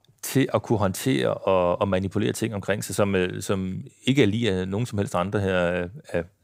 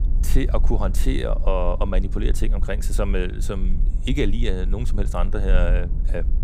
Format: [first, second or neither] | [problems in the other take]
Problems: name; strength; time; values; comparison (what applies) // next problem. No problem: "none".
first | wind noise on the microphone; occasional gusts; 15 dB below the speech